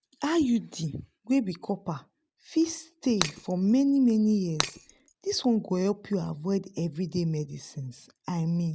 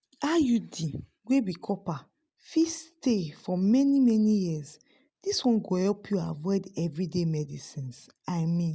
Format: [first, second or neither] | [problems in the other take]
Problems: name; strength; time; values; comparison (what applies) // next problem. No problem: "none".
second | background sound (Shatter); 6 dB below the speech